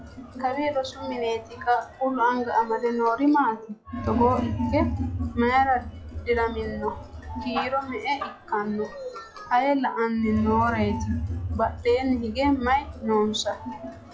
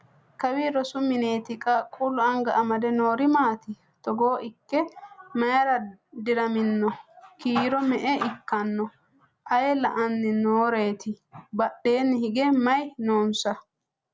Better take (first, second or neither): second